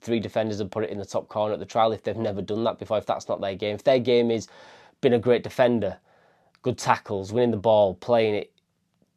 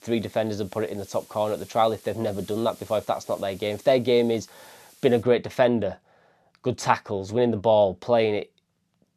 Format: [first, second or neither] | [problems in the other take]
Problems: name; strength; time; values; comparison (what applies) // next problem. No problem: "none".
first | hiss; faint; until 5 s; 25 dB below the speech